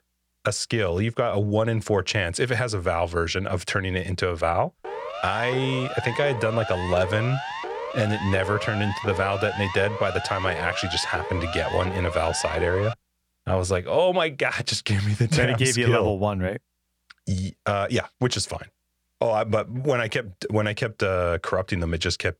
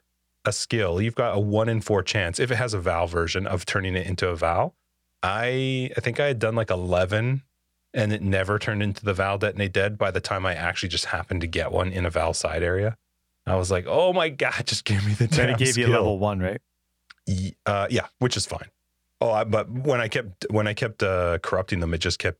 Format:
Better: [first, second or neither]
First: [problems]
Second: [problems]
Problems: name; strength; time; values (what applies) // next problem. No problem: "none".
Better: second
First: siren; noticeable; from 5 to 13 s; peak 7 dB below the speech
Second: none